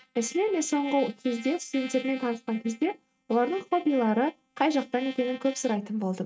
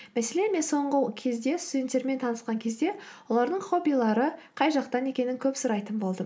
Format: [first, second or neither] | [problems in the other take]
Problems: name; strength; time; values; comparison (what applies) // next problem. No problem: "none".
second | noise reduction (neural mask model RNNoise)